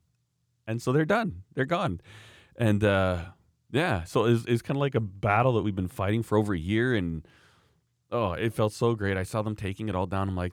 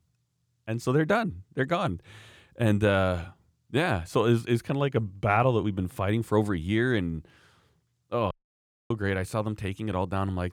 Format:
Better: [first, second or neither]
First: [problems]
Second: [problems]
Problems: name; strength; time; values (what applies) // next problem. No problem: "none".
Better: first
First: none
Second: audio cutting out; at 8.5 s for 0.5 s